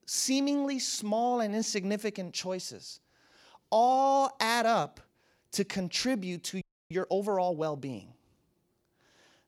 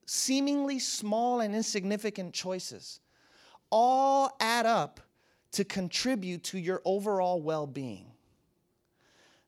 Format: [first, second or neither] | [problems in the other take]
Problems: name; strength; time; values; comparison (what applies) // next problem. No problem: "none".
second | audio freezing; at 6.5 s